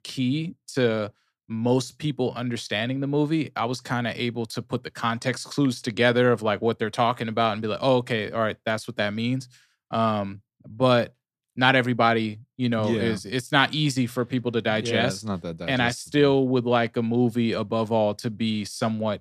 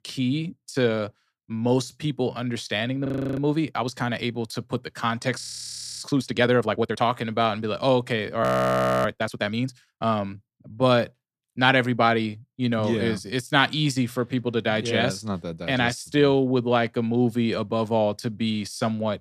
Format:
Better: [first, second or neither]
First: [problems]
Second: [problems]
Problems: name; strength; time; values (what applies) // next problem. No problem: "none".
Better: first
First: none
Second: audio freezing; at 3 s, at 5.5 s for 0.5 s and at 8.5 s for 0.5 s